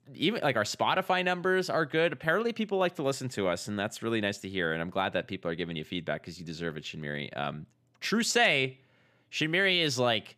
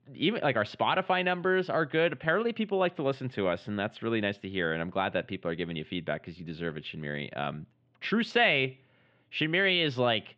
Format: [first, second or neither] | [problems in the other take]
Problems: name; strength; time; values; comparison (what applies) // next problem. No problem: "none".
first | muffled; slightly; fading above 3 kHz